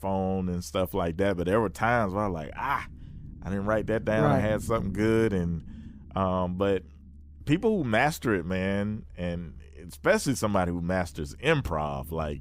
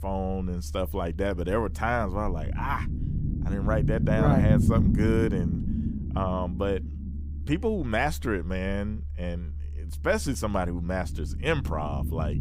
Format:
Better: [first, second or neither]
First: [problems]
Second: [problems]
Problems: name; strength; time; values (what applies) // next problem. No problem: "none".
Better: first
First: low rumble; faint; throughout; 25 dB below the speech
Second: low rumble; loud; throughout; 7 dB below the speech